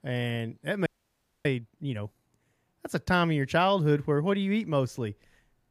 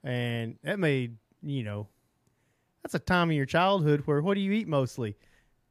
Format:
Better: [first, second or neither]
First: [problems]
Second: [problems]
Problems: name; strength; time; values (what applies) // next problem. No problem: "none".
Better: second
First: audio freezing; at 1 s for 0.5 s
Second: none